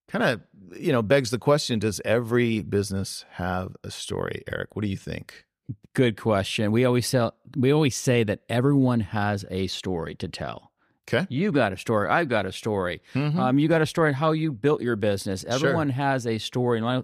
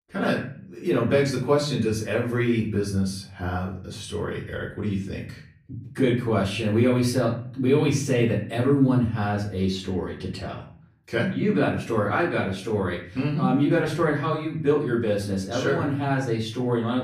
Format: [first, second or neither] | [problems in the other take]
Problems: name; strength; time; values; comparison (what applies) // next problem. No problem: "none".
first | off-mic speech; far // room echo; slight; dies away in 0.5 s